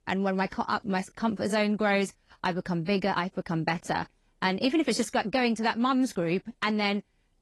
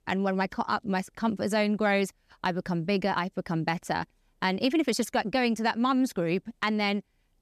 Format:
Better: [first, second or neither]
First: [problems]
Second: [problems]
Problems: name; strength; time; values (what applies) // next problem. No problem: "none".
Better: second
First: garbled, watery; slightly; nothing above 11 kHz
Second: none